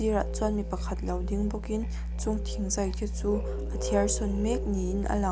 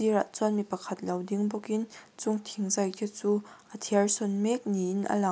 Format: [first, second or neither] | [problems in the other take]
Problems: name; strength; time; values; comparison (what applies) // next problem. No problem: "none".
second | background sound (Musical instrument); 1 dB below the speech